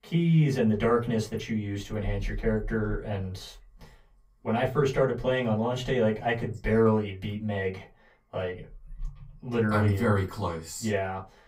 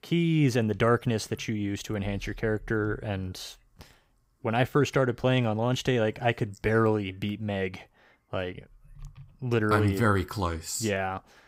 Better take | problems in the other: second | off-mic speech; far // room echo; very slight; dies away in 0.2 s

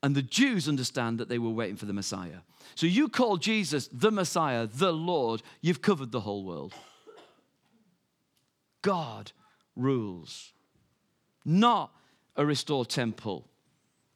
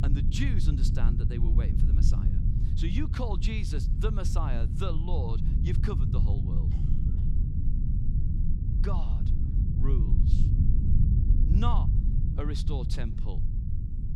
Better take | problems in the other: first | low rumble; loud; throughout; 3 dB below the speech

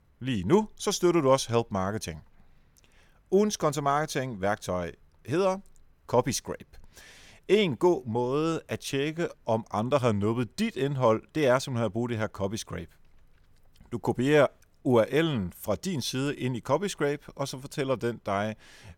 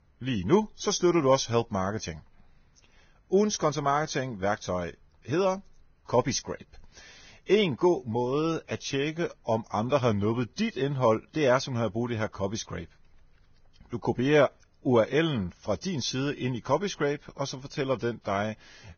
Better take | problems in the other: first | garbled, watery; badly; nothing above 6.5 kHz

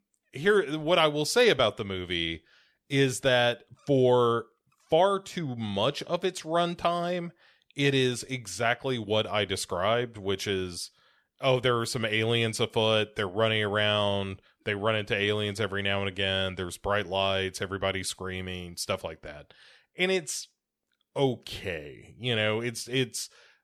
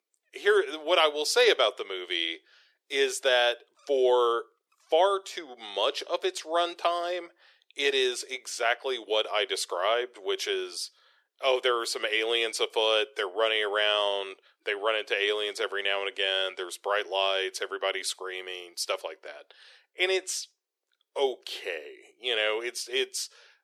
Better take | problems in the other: first | thin; very; fading below 350 Hz

